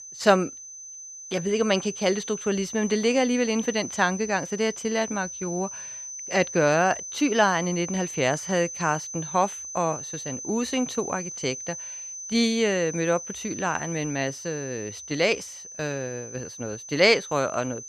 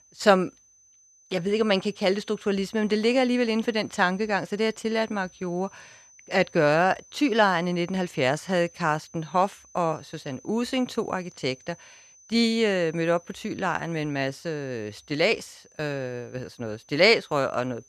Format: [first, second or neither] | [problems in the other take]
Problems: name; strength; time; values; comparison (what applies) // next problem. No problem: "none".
second | high-pitched whine; loud; throughout; 6 kHz, 9 dB below the speech; faint in the second